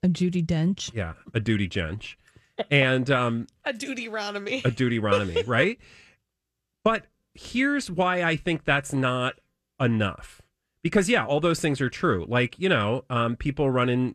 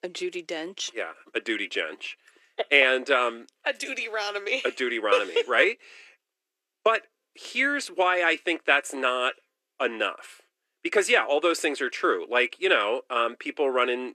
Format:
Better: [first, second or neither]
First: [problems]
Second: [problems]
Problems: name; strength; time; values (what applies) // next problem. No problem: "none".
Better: first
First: none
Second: thin; very; fading below 350 Hz